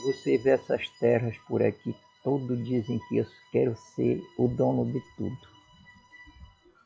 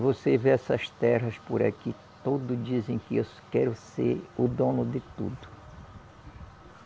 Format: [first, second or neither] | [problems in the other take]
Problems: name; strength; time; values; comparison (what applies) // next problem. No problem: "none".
second | noise reduction (classical method log-MMSE)